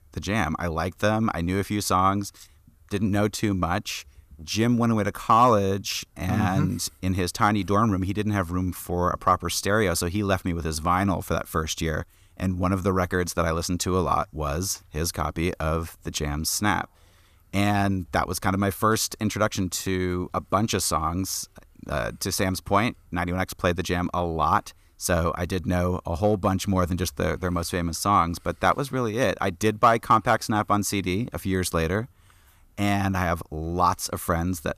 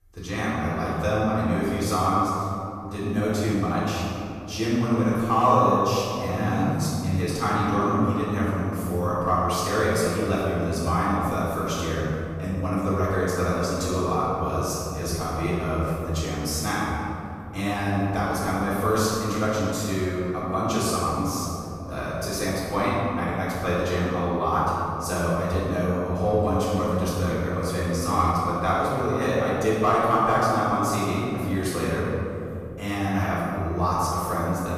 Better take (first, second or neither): first